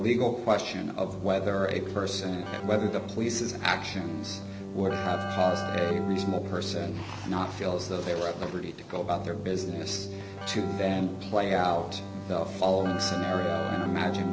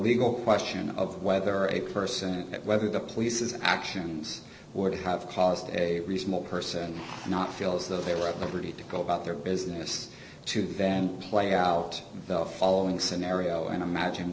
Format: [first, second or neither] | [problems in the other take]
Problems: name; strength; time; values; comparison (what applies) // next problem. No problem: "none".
second | background sound (Keyboard (musical)); 6 dB below the speech